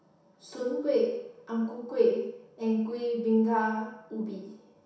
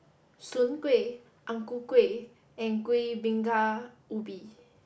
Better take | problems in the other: second | room echo; dies away in 0.7 s

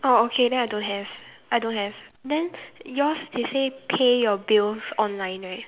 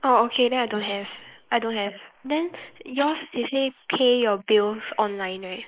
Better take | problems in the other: first | noise reduction (neural mask model Resemble Enhance denoiser)

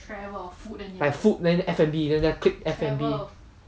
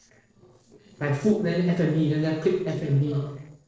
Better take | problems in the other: first | noise reduction (neural separator model SepFormer DNS4)

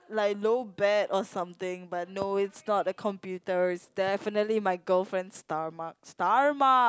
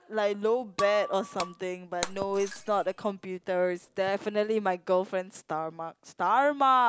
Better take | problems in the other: first | background sound (Shatter); 13 dB below the speech

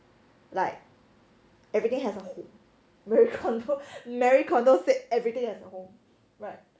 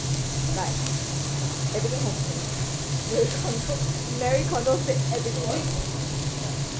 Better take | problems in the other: first | background sound (Frying (food)); 4 dB above the speech

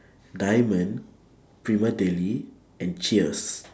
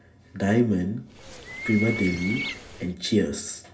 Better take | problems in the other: first | background sound (Bird); 8 dB below the speech // room echo; dies away in 0.4 s

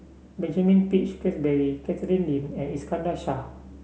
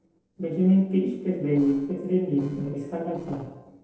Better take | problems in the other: first | noise reduction (neural separator model SepFormer DNS4)

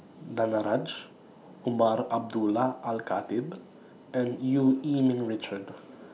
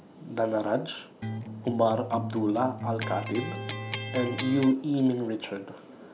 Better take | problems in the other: first | background sound (Electric guitar); 7 dB below the speech

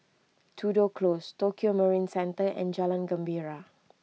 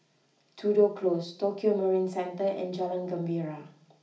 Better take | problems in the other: first | room echo; dies away in 0.4 s

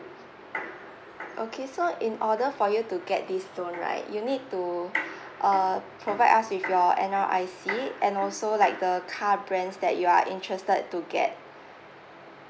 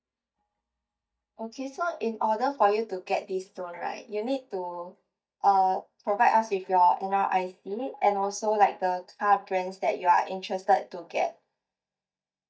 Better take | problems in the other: first | noise reduction (neural mask model DeepFilterNet 3)

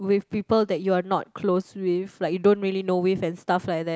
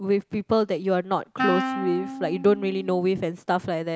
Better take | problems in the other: first | background sound (Wind instrument, woodwind instrument); 7 dB below the speech

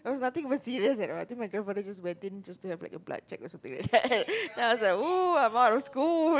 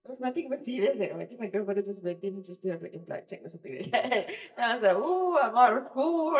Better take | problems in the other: first | noise reduction (neural mask model DeepFilterNet 3)

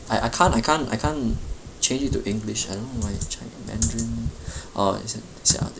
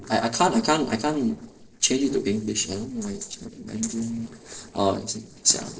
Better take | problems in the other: first | noise reduction (neural separator model SepFormer DNS4)

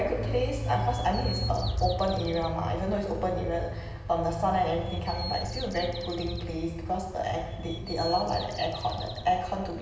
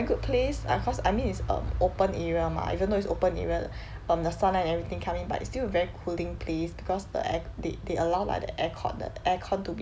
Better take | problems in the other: second | background sound (Bird vocalization, bird call, bird song); 14 dB below the speech // room echo; dies away in 1.1 s

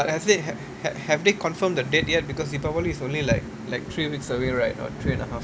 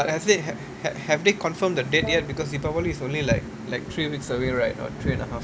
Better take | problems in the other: first | background sound (Brass instrument); 16 dB below the speech

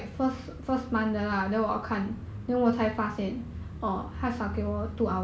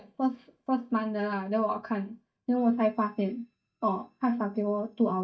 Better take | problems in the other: first | noise reduction (neural mask model DeepFilterNet 3)

